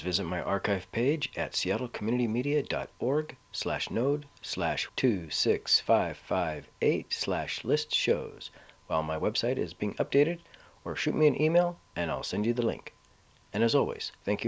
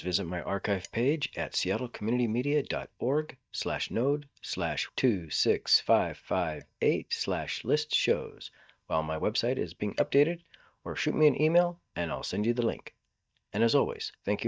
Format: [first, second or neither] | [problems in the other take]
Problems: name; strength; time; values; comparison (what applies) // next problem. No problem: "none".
first | noise reduction (neural mask model DeepFilterNet 3)